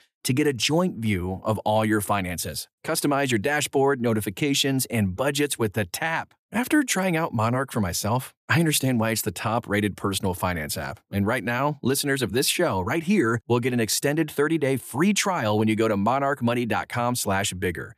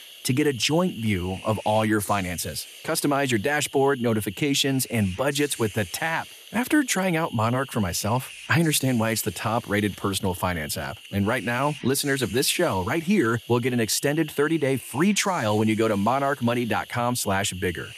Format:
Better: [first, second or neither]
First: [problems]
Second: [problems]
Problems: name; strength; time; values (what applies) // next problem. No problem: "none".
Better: first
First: none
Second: hiss; noticeable; throughout; 15 dB below the speech